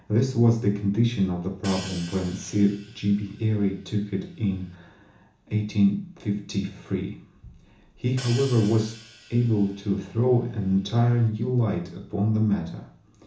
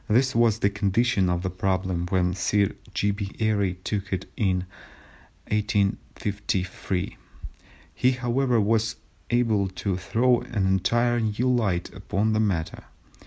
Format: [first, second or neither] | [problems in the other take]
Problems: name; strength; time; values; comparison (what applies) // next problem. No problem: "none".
second | background sound (Hi-hat); 19 dB below the speech // room echo; dies away in 0.8 s